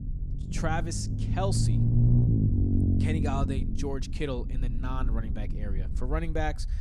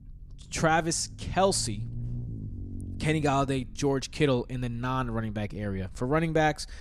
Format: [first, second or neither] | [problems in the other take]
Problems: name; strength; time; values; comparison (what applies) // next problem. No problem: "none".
second | low rumble; loud; throughout; 3 dB below the speech; faint in the second